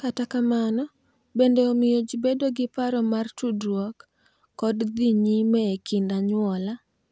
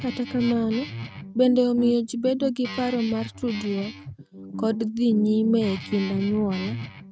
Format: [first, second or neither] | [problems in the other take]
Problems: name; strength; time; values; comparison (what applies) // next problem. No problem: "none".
first | noise reduction (neural mask model RNNoise)